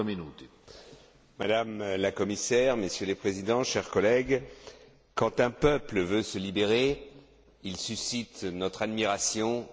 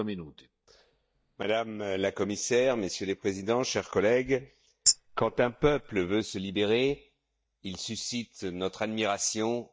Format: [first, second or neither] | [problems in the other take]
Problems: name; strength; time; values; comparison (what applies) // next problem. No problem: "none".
first | noise reduction (neural mask model DeepFilterNet 3)